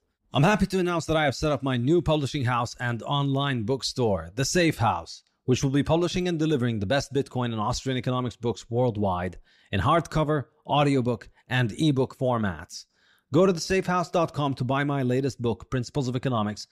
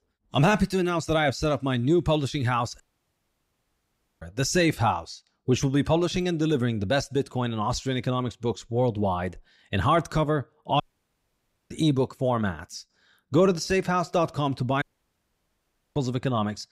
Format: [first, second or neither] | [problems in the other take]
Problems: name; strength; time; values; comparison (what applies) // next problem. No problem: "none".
first | audio cutting out; at 3 s for 1.5 s, at 11 s for 1 s and at 15 s for 1 s